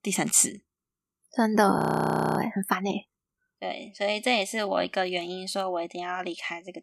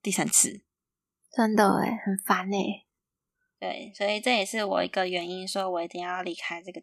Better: second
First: audio freezing; at 2 s for 0.5 s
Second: none

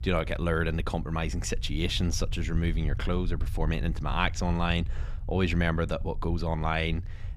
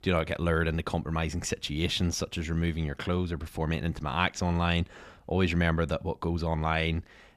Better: second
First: low rumble; faint; throughout; 25 dB below the speech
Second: none

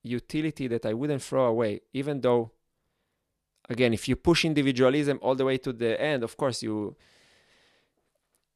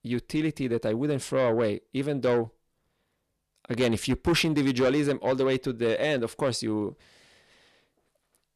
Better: first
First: none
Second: distortion; slight; 10 dB below the speech

